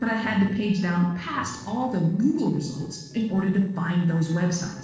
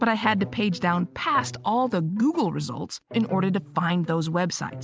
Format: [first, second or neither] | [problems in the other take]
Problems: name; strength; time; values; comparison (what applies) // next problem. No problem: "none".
second | noise reduction (neural separator model SepFormer DNS4)